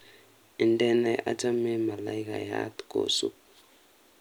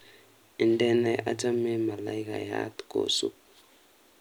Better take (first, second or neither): first